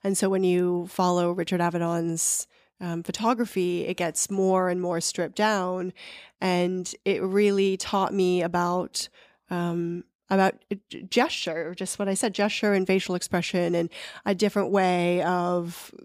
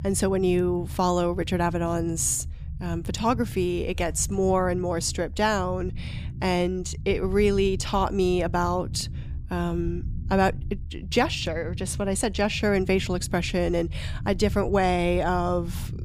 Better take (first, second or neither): first